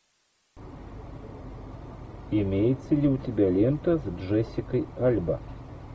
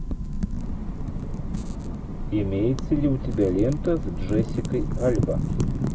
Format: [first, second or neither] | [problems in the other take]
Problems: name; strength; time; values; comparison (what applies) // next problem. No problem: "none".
first | background sound (Wind / Fire); as loud as the speech